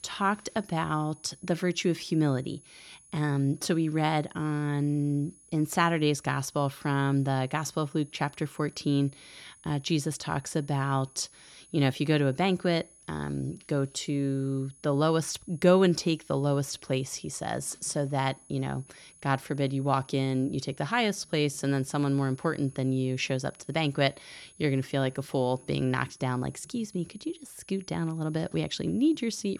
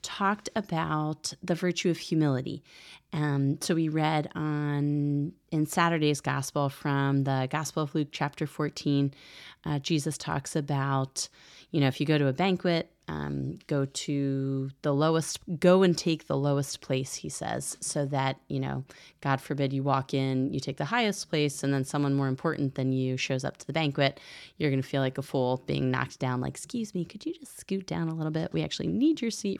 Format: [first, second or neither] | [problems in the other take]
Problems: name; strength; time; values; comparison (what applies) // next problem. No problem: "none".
second | high-pitched whine; faint; throughout; 10 kHz, 25 dB below the speech